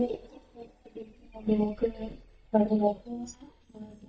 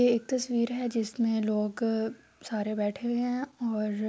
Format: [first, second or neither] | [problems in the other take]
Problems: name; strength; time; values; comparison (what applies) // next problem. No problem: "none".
second | noise reduction (neural mask model DeepFilterNet 3)